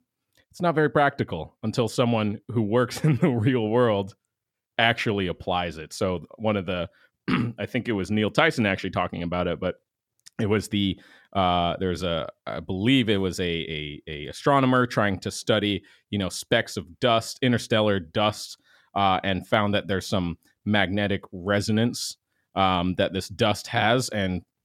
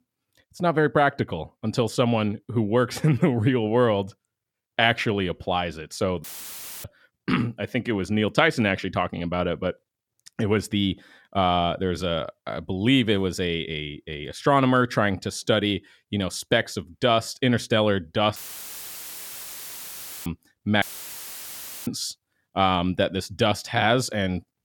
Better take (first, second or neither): first